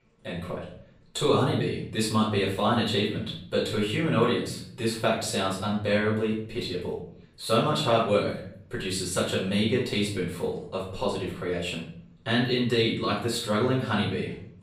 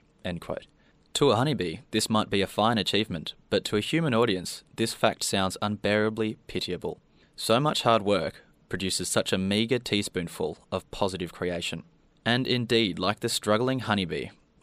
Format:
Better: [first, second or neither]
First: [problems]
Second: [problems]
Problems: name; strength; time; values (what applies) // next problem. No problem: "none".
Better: second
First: off-mic speech; far // room echo; noticeable; dies away in 0.6 s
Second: none